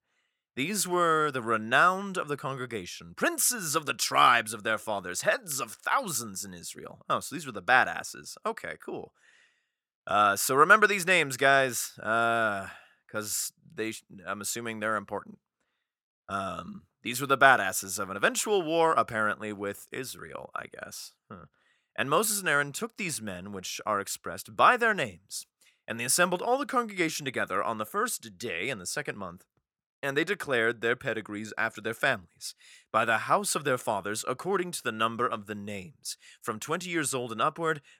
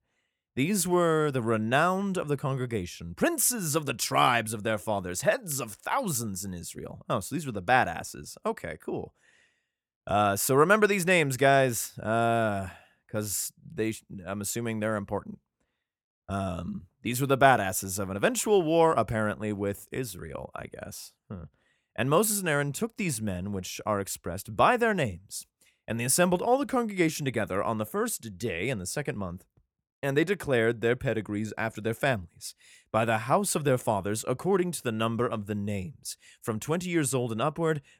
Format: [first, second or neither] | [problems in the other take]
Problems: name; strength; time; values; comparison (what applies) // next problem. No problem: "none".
second | thin; somewhat; fading below 550 Hz